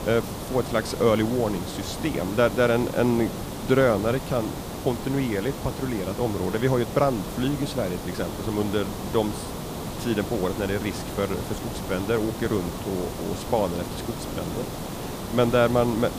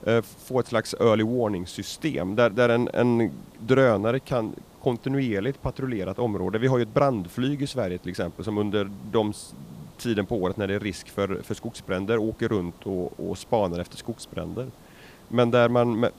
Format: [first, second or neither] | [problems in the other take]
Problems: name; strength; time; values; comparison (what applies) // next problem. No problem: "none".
second | hiss; loud; throughout; 7 dB below the speech; faint in the second